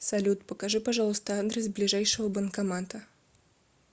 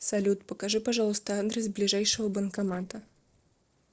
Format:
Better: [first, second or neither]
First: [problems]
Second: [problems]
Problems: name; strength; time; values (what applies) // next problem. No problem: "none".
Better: first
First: none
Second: noise reduction (neural separator model SepFormer DNS4)